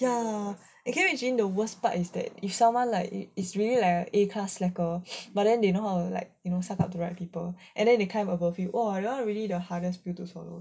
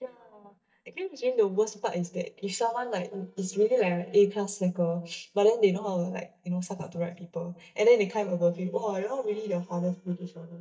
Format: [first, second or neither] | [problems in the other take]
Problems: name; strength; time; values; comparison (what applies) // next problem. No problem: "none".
first | noise reduction (neural mask model DeepFilterNet 3)